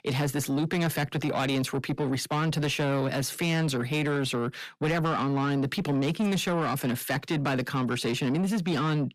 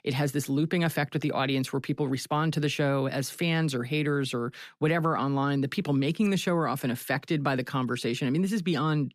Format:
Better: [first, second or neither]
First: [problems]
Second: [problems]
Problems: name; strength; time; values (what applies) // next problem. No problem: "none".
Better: second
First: distortion; slight; 10 dB below the speech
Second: none